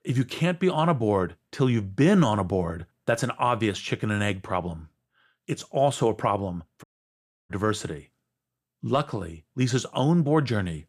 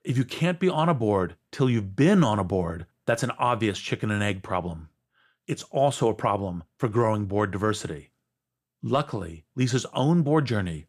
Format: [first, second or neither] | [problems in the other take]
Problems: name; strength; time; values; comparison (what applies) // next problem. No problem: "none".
second | audio cutting out; at 7 s for 0.5 s